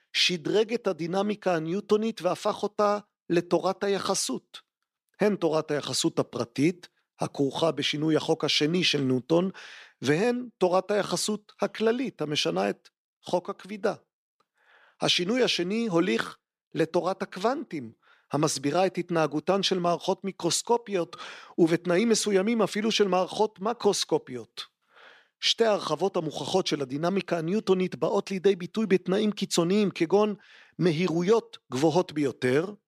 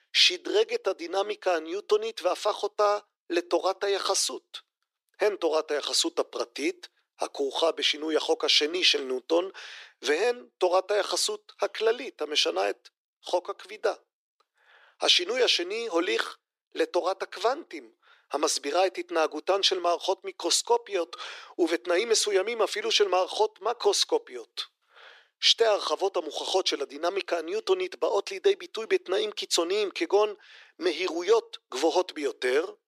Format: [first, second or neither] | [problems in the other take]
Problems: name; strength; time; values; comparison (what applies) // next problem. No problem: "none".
first | thin; very; fading below 350 Hz